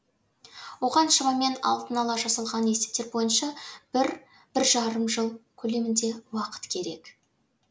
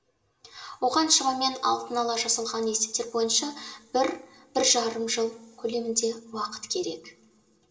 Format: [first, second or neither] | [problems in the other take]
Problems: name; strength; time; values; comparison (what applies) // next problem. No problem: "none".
first | room echo; dies away in 2.2 s